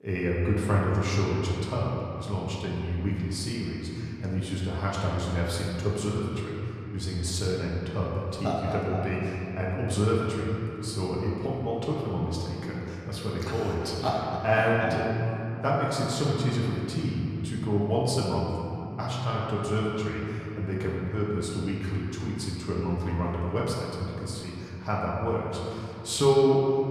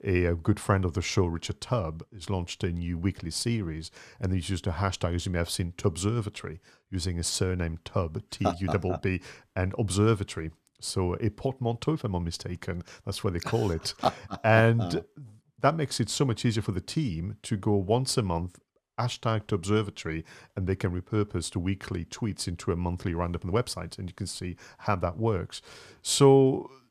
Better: second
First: room echo; noticeable; dies away in 2.8 s // off-mic speech; far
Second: none

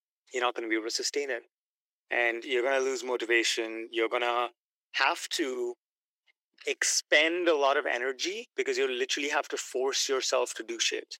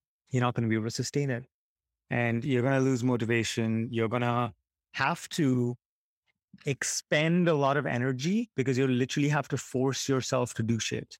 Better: second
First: thin; very; fading below 350 Hz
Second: none

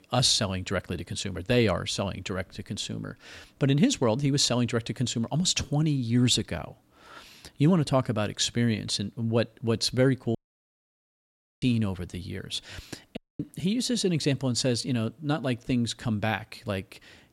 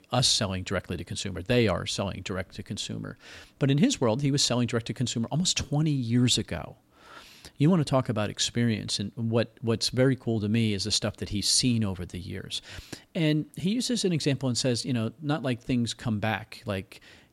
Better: second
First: audio cutting out; at 10 s for 1.5 s and at 13 s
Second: none

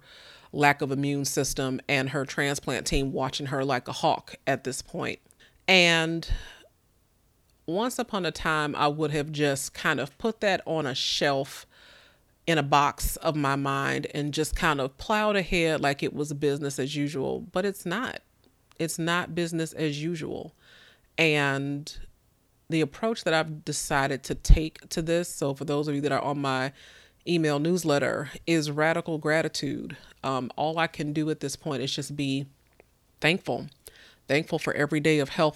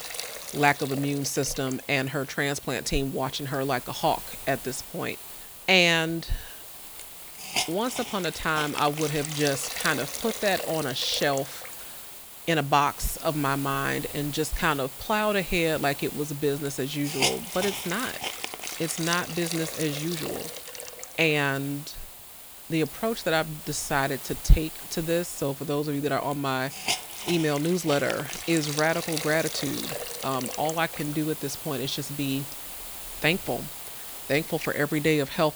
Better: first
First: none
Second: hiss; loud; throughout; 7 dB below the speech

